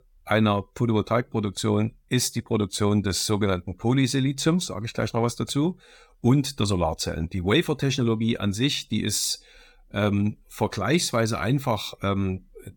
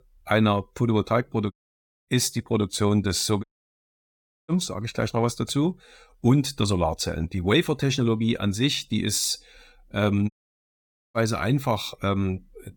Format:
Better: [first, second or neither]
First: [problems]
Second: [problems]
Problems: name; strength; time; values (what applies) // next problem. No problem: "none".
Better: first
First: none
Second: audio cutting out; at 1.5 s for 0.5 s, at 3.5 s for 1 s and at 10 s for 1 s